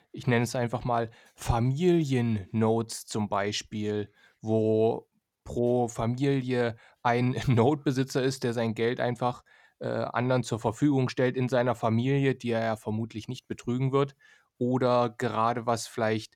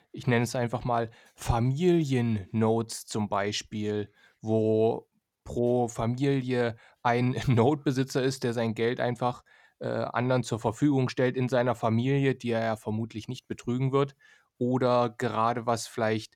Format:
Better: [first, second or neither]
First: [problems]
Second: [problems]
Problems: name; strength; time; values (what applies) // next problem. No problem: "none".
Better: neither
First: none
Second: none